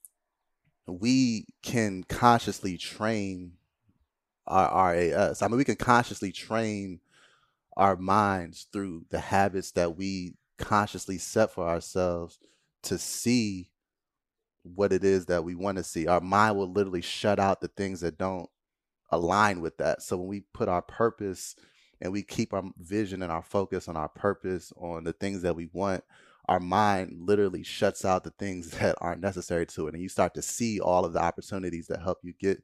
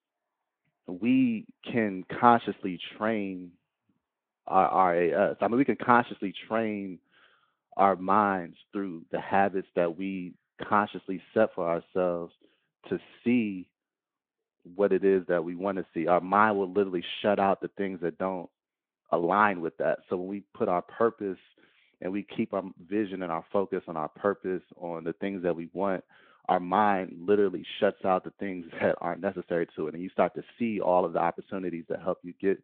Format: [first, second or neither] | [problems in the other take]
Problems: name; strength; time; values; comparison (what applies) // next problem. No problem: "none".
first | phone-call audio